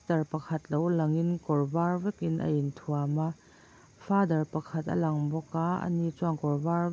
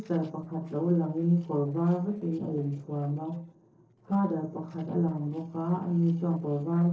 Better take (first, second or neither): first